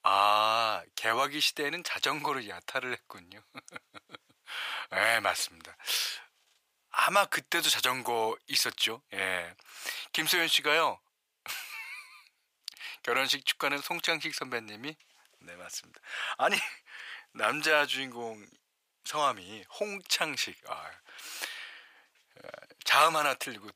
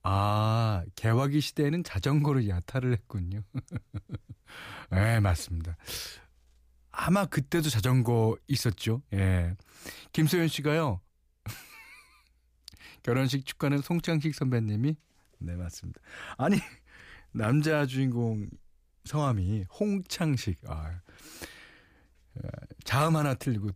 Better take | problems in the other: second | thin; very; fading below 850 Hz

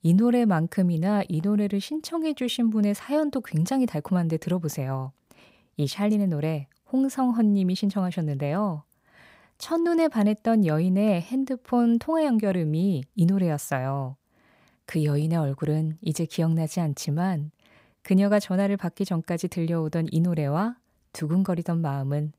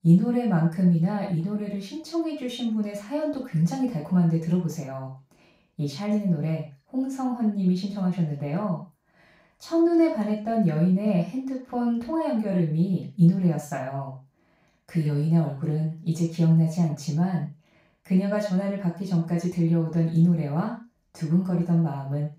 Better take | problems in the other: first | room echo; noticeable; dies away in 0.3 s // off-mic speech; far

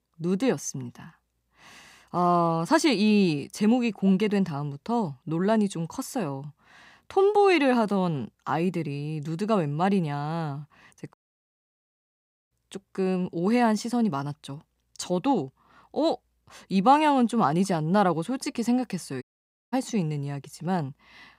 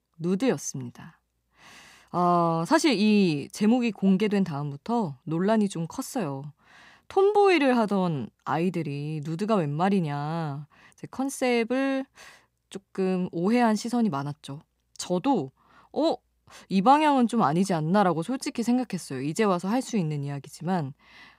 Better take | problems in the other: second | audio cutting out; at 11 s for 1.5 s and at 19 s for 0.5 s

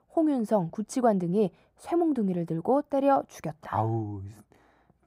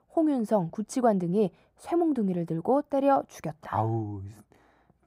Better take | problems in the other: neither | muffled; very; fading above 2 kHz; the same in both

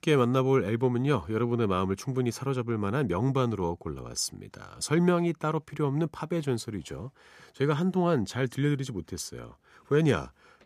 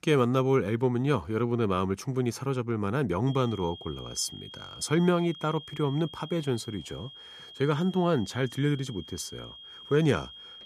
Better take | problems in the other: first | high-pitched whine; noticeable; from 3.5 s on; 3.5 kHz, 15 dB below the speech

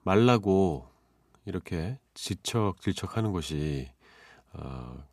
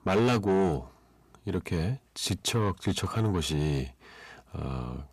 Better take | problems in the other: first | distortion; heavy; 6 dB below the speech

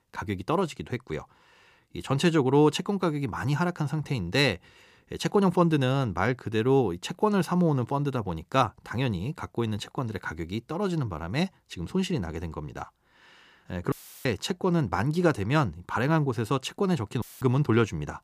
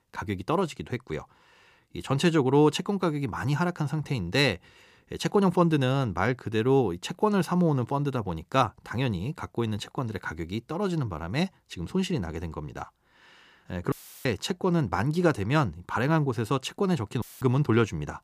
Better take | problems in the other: neither | audio cutting out; filled with static; at 14 s and at 17 s; the same in both

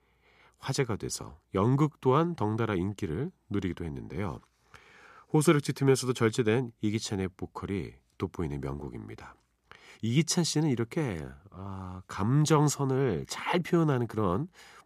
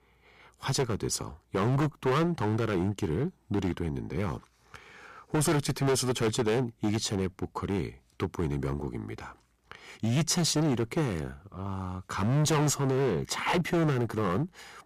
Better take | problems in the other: first | distortion; heavy; 12% of the sound clipped

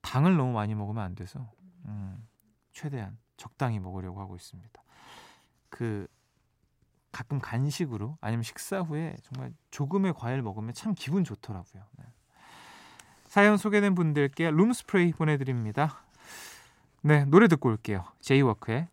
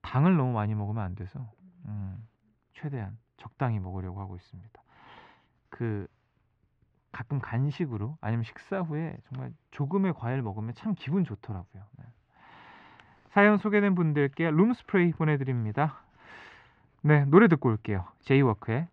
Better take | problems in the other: first | muffled; very; fading above 3 kHz

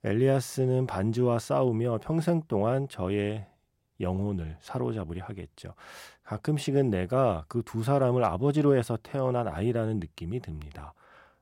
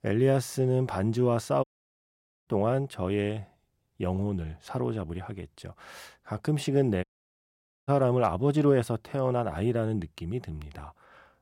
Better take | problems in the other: first | audio cutting out; at 1.5 s for 1 s and at 7 s for 1 s

